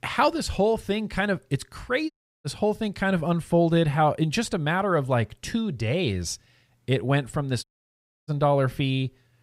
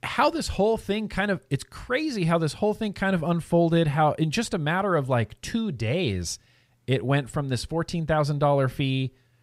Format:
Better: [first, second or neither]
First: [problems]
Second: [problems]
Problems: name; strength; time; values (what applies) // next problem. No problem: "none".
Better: second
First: audio cutting out; at 2 s and at 7.5 s for 0.5 s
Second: none